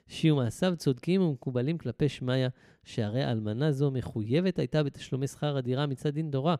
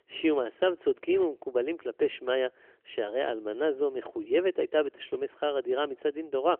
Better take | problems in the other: first | phone-call audio; nothing above 3 kHz

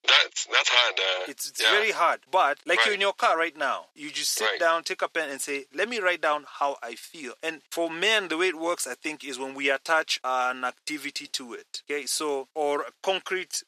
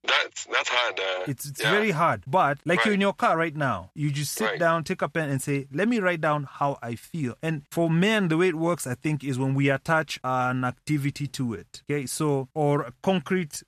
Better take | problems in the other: second | thin; very; fading below 350 Hz

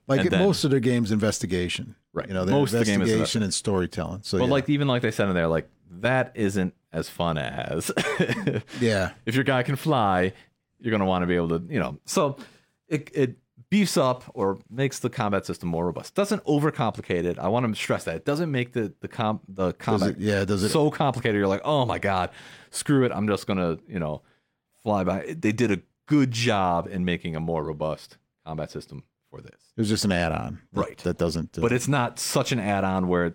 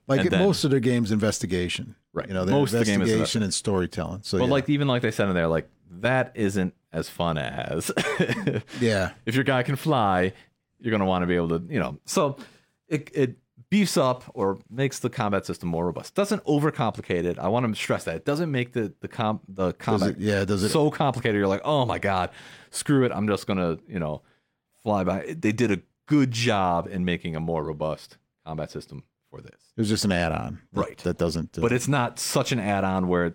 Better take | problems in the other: neither | none

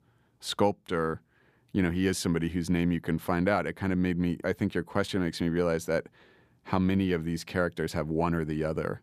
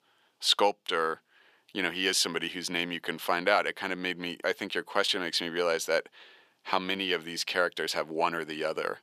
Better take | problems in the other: first | thin; somewhat; fading below 550 Hz

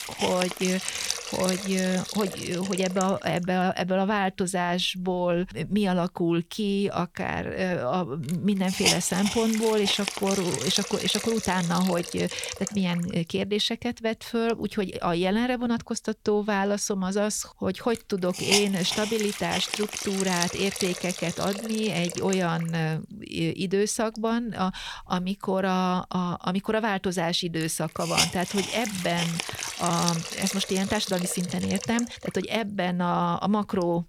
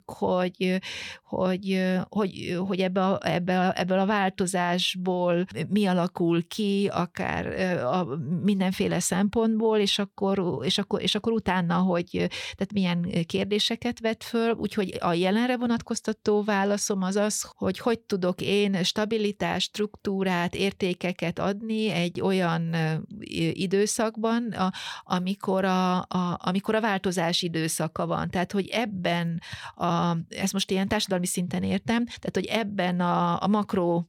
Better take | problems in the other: second | hiss; loud; throughout; 4 dB below the speech

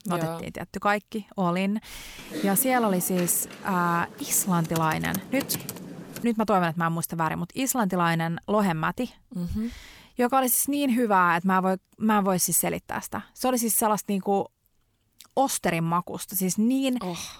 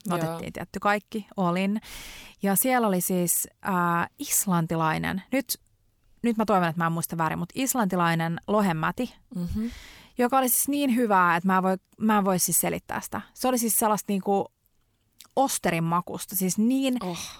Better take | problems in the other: second | keyboard typing; noticeable; from 2 to 6 s; peak 8 dB below the speech

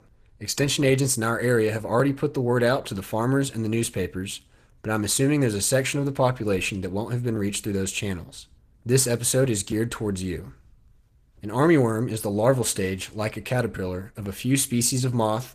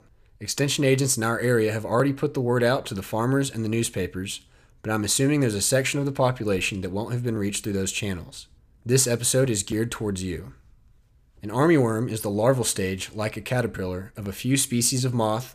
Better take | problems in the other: second | garbled, watery; slightly; nothing above 14.5 kHz

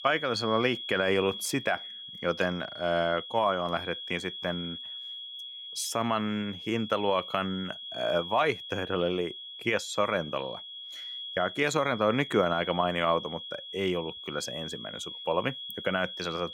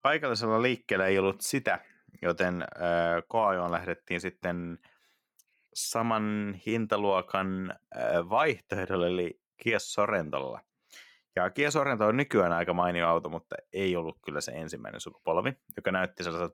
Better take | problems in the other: second | high-pitched whine; loud; throughout; 3.5 kHz, 9 dB below the speech

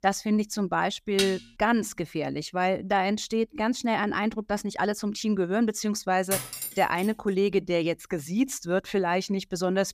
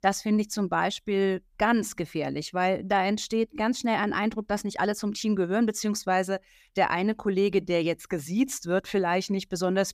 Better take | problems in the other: second | clattering dishes; noticeable; at 1 s and at 6.5 s; peak 3 dB below the speech

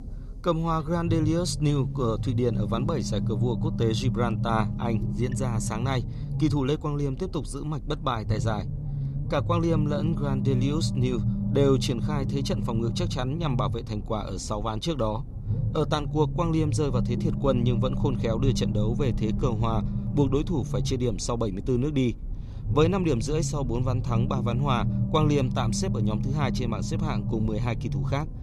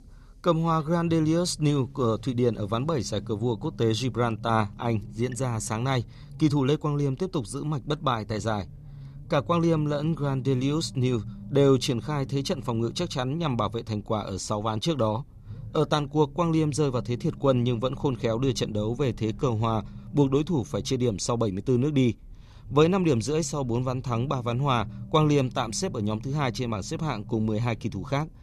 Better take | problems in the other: second | low rumble; loud; throughout; 9 dB below the speech; faint in the second

